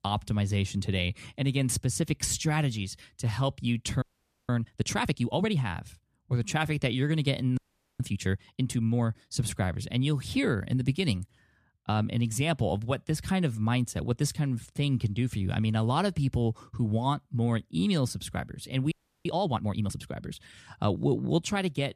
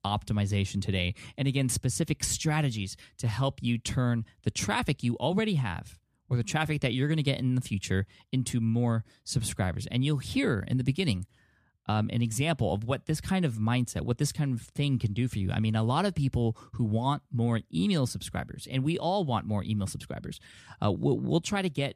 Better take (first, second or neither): second